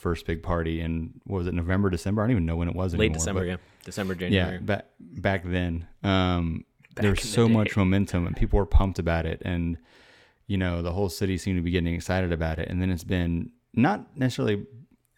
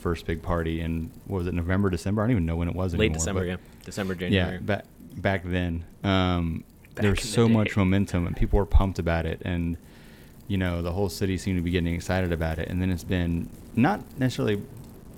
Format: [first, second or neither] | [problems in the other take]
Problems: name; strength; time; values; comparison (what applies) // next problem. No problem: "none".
first | wind noise on the microphone; occasional gusts; 25 dB below the speech